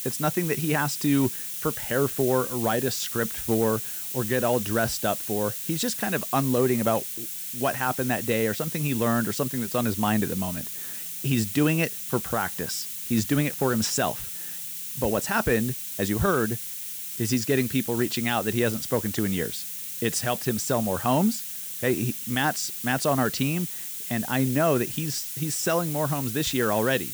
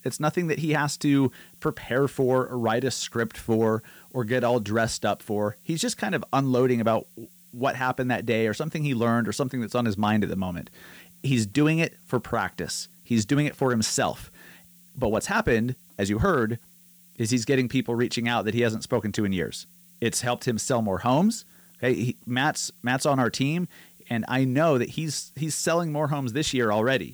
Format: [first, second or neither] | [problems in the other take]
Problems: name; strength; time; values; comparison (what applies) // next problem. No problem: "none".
second | hiss; loud; throughout; 5 dB below the speech; faint in the second